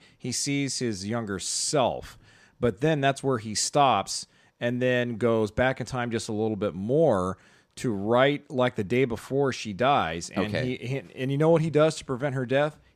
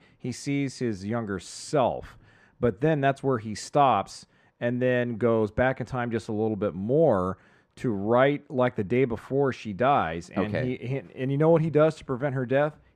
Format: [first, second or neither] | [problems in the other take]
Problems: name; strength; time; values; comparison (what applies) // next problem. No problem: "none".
first | muffled; slightly; fading above 3 kHz